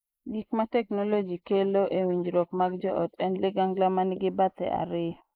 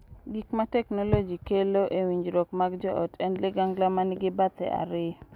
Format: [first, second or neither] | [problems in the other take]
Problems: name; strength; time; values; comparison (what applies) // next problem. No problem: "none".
second | noise reduction (neural mask model Resemble Enhance denoiser)